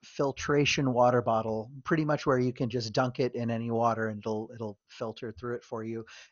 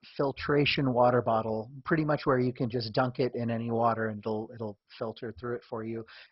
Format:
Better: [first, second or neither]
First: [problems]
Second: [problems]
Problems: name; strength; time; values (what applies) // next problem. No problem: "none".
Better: first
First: garbled, watery; slightly; nothing above 6.5 kHz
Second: garbled, watery; badly; nothing above 5.5 kHz